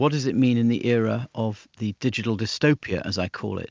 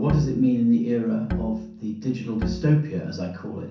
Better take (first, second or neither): first